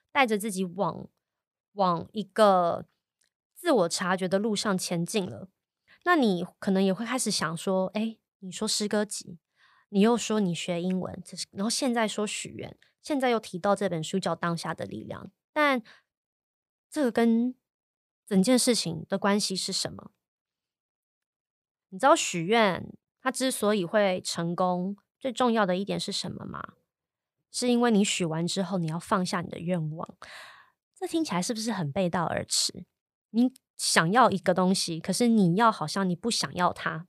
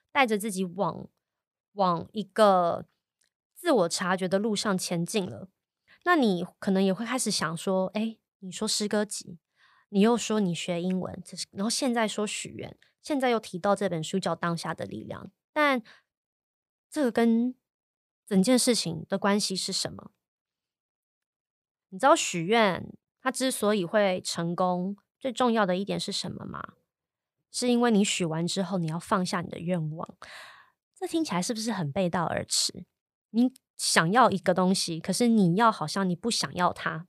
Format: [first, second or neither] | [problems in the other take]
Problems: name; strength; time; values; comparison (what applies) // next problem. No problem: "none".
neither | none